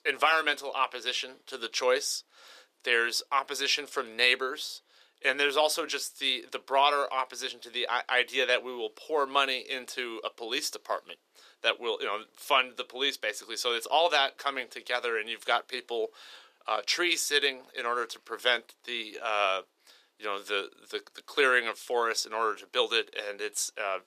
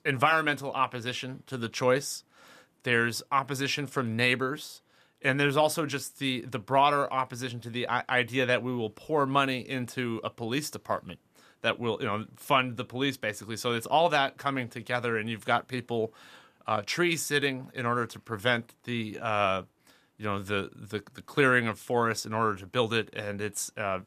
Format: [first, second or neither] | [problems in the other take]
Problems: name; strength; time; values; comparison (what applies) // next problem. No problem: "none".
second | thin; very; fading below 400 Hz